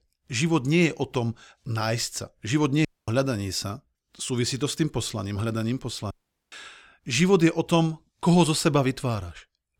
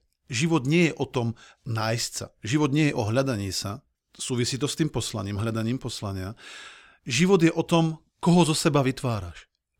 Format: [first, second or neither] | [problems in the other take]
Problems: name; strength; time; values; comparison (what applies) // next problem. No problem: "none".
second | audio cutting out; at 3 s and at 6 s